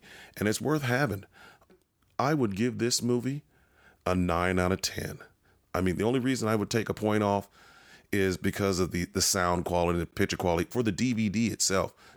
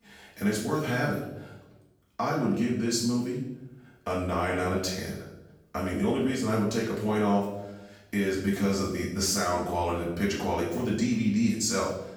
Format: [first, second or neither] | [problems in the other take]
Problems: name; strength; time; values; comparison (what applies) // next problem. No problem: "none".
first | room echo; noticeable; dies away in 0.7 s // off-mic speech; far